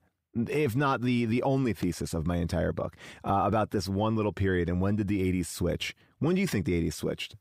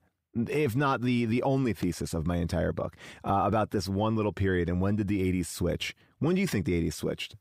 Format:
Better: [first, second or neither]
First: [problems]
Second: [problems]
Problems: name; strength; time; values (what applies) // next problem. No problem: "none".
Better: neither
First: none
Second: none